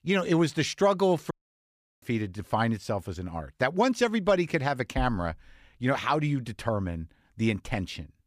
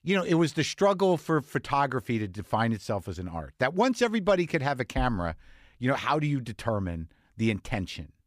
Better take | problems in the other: second | audio cutting out; at 1.5 s for 0.5 s

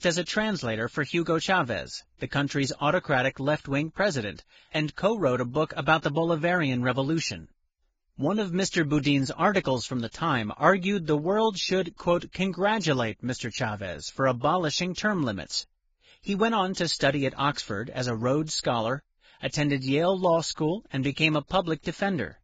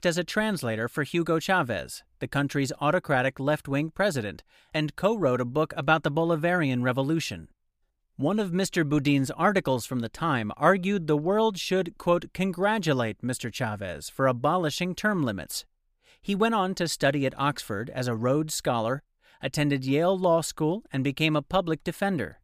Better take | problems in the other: second | garbled, watery; badly; nothing above 7.5 kHz

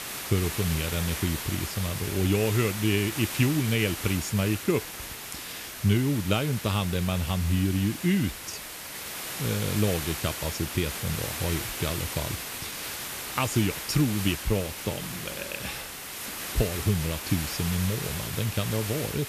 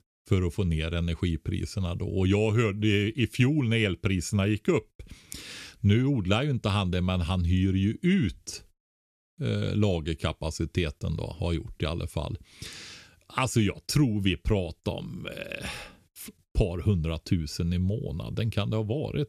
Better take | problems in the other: second | hiss; loud; throughout; 5 dB below the speech

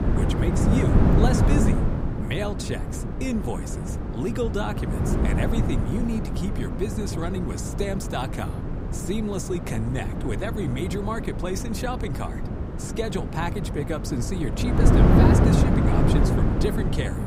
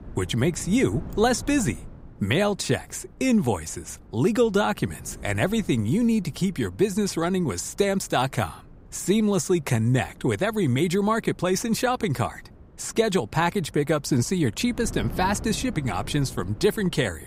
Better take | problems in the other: second | wind noise on the microphone; heavy; 1 dB above the speech; occasional gusts in the second

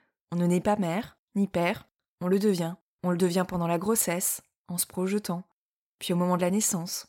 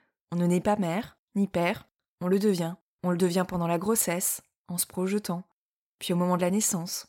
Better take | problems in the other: neither | none

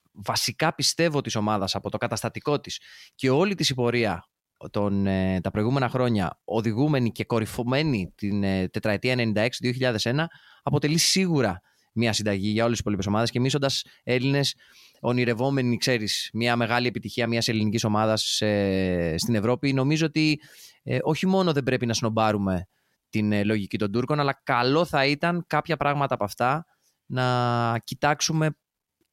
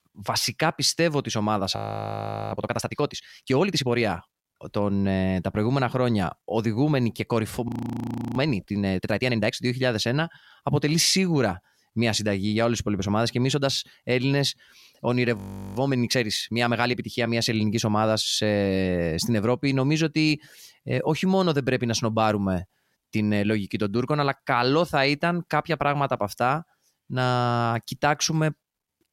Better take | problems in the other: first | audio freezing; at 2 s for 1 s, at 7.5 s for 0.5 s and at 15 s

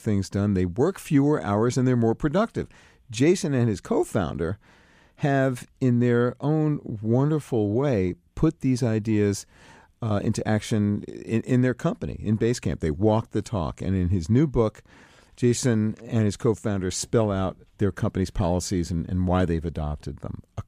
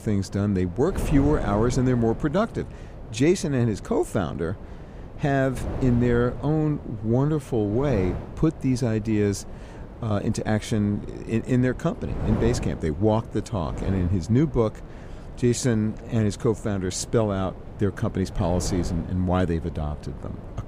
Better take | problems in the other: first | wind noise on the microphone; occasional gusts; 15 dB below the speech

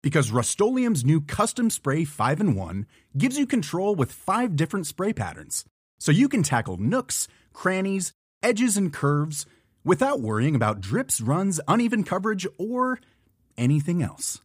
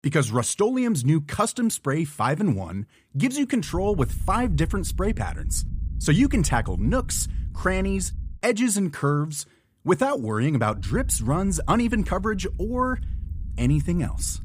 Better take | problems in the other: first | low rumble; faint; from 3.5 to 8.5 s and from 11 s on; 25 dB below the speech

